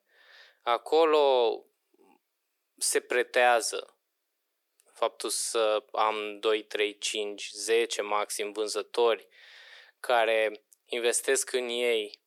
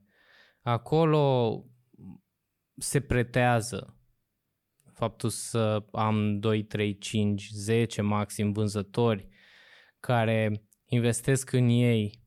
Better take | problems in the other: second | thin; very; fading below 350 Hz

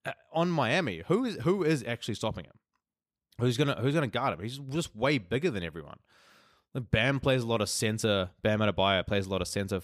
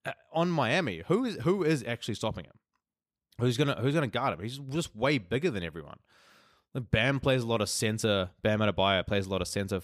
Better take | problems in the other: neither | none

